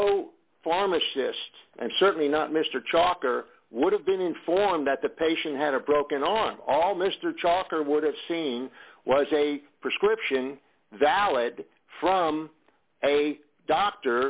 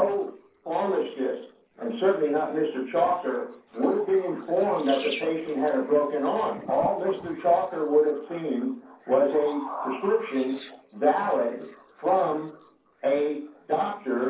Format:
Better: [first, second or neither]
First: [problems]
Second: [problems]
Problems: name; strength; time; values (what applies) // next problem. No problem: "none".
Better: first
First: none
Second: noise reduction (neural separator model SepFormer DNS4)